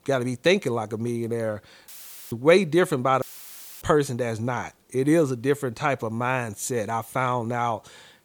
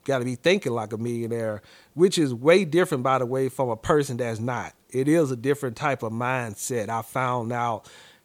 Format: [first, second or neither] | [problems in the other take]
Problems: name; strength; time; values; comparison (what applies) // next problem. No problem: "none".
second | audio cutting out; filled with static; at 2 s and at 3 s for 0.5 s